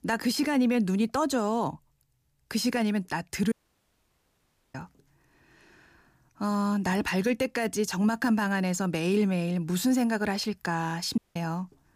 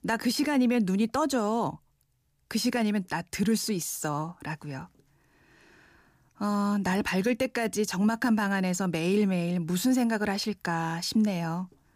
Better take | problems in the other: second | audio cutting out; at 3.5 s for 1 s and at 11 s

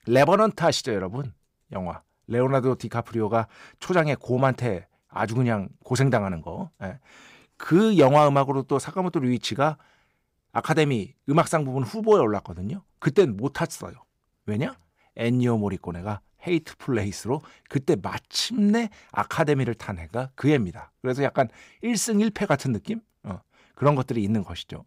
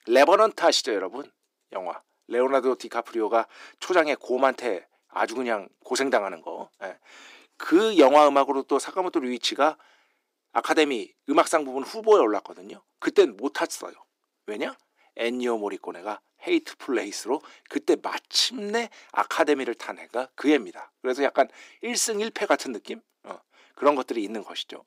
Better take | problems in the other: first | thin; somewhat; fading below 300 Hz

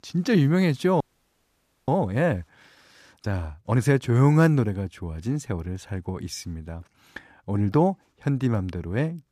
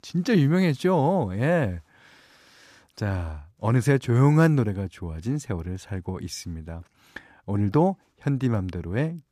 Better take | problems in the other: second | audio freezing; at 1 s for 1 s

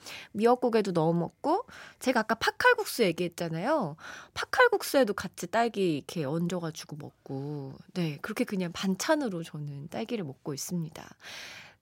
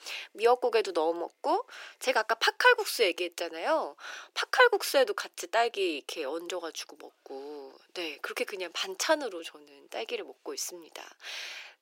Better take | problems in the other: first | thin; very; fading below 350 Hz

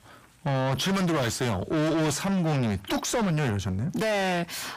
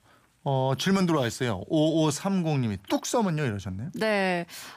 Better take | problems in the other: second | distortion; heavy; 6 dB below the speech

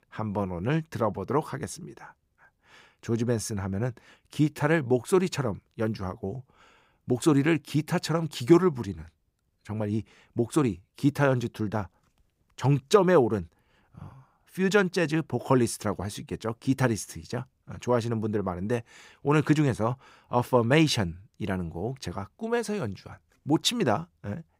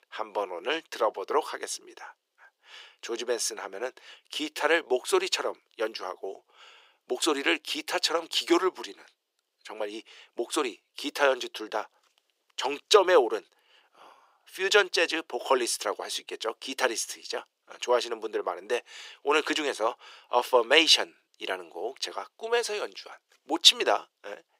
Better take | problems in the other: first | thin; very; fading below 400 Hz

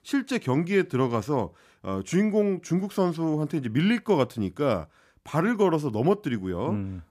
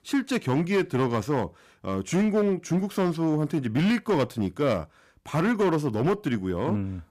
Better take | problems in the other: first | distortion; slight; 9% of the sound clipped

